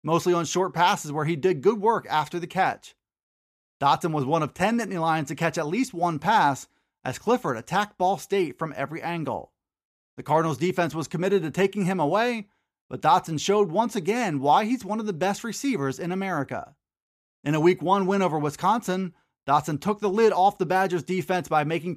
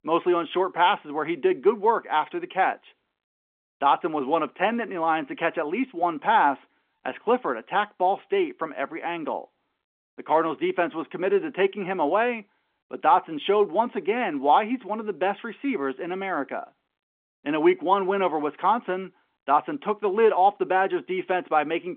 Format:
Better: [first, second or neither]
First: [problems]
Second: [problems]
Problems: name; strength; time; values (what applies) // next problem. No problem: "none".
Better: first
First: none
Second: phone-call audio; nothing above 3.5 kHz